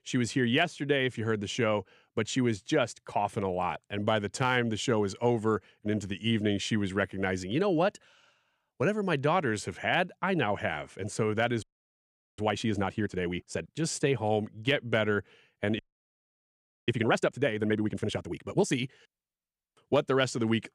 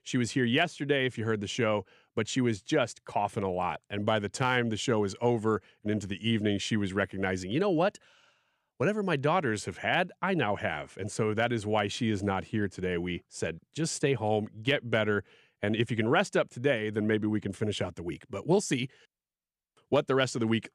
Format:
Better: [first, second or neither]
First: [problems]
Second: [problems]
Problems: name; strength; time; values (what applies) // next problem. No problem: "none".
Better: second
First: audio freezing; at 12 s for 1 s and at 16 s for 1 s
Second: none